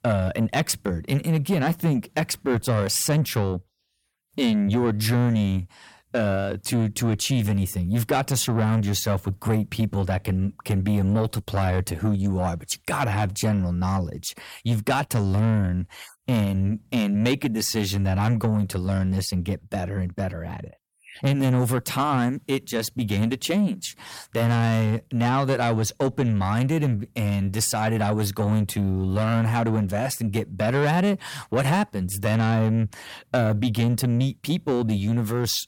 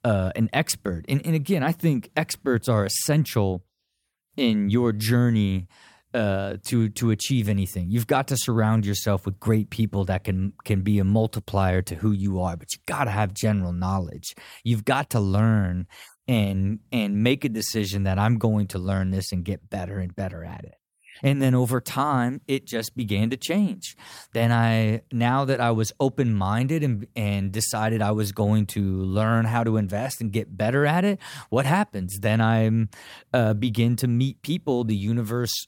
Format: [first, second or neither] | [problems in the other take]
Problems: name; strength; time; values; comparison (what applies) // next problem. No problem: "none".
second | distortion; slight; 10 dB below the speech